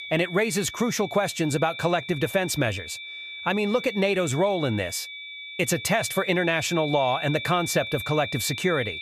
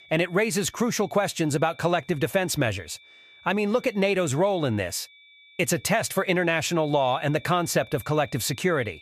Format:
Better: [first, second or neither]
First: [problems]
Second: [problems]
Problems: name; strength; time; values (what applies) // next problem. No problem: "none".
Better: second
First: high-pitched whine; loud; throughout; 2.5 kHz, 9 dB below the speech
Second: high-pitched whine; faint; throughout; 2.5 kHz, 25 dB below the speech